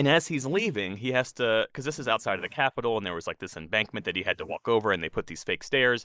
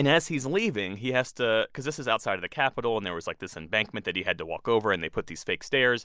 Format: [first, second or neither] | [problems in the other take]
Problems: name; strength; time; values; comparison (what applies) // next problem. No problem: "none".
second | noise reduction (neural mask model Resemble Enhance denoiser)